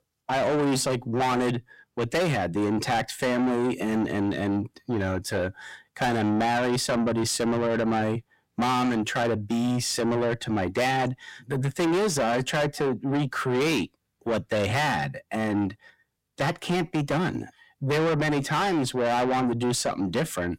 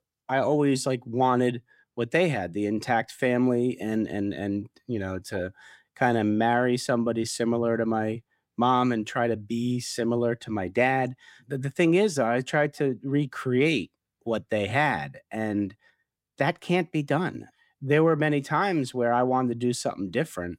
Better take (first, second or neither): second